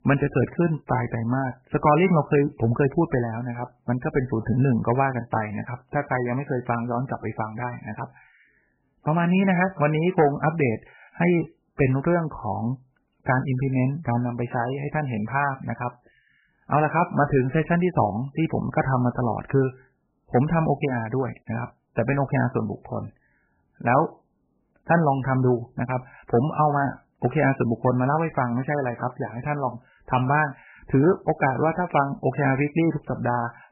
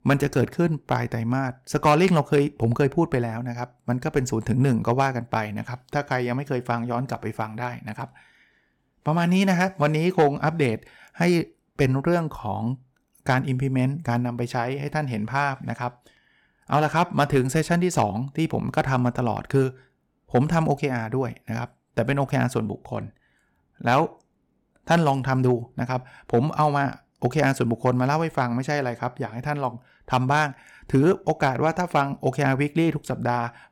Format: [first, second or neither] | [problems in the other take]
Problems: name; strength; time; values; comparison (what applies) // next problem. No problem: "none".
second | garbled, watery; badly; nothing above 2.5 kHz